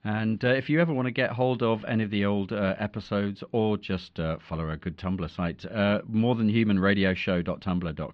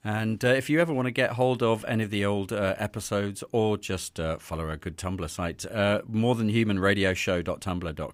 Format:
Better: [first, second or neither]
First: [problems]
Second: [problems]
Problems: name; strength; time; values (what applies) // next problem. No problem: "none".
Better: second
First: muffled; very slightly; fading above 4 kHz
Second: none